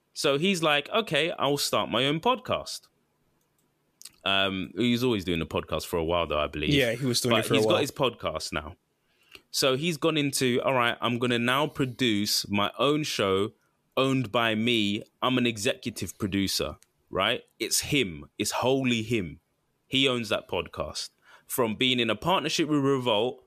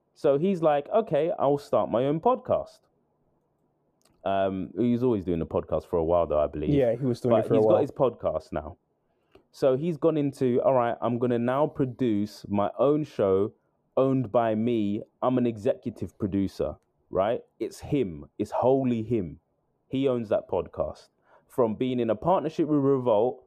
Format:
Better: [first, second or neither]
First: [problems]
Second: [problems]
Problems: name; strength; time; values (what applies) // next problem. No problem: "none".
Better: first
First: none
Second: muffled; very; fading above 1.5 kHz